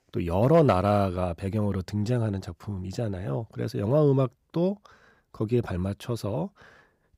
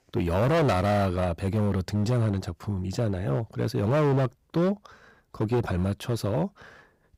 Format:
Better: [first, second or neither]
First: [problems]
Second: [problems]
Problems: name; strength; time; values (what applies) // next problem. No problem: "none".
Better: first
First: none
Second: distortion; heavy; 12% of the sound clipped